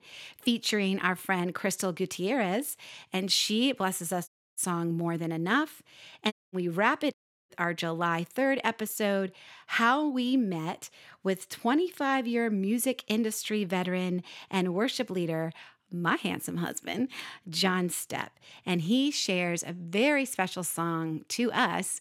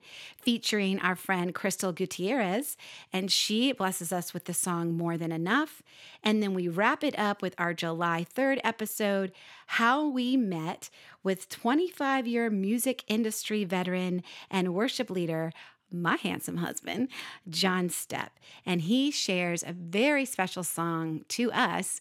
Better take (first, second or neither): second